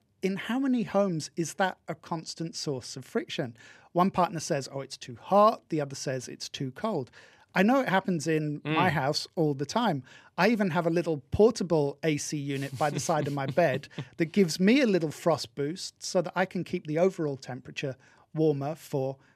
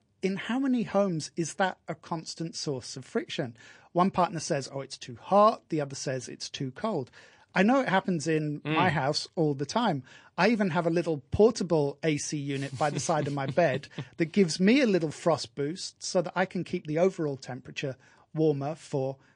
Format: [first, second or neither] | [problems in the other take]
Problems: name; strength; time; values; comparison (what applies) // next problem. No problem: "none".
first | garbled, watery; slightly; nothing above 9 kHz